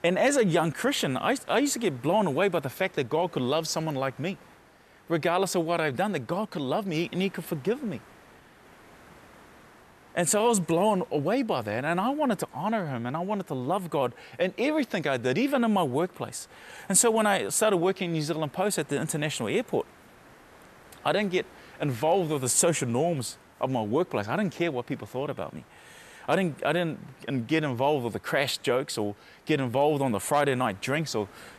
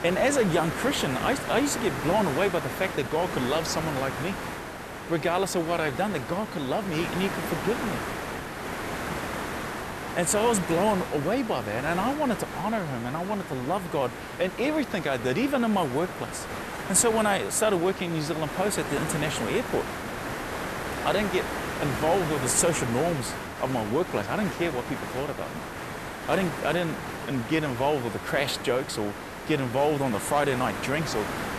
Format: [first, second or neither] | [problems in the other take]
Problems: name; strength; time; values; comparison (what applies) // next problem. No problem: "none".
first | hiss; loud; throughout; 6 dB below the speech; faint in the first